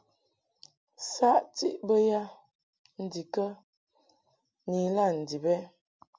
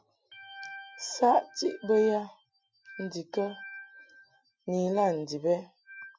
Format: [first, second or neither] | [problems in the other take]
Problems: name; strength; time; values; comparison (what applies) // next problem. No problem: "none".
first | noise reduction (classical method Wiener filter)